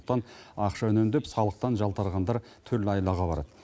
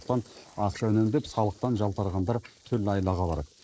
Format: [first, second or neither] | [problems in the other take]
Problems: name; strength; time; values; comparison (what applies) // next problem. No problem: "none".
first | noise reduction (neural mask model Resemble Enhance denoiser)